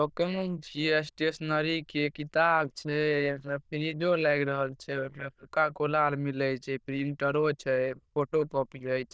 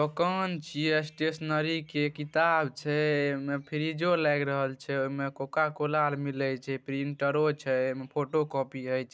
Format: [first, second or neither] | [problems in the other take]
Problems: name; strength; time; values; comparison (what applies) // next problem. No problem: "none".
second | noise reduction (neural diffusion model UNIVERSE++)